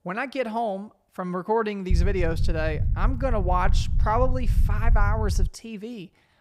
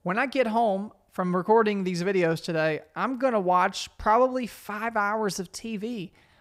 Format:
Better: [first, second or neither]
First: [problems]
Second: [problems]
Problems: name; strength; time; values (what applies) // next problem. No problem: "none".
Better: second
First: low rumble; noticeable; from 2 to 5.5 s; 15 dB below the speech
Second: none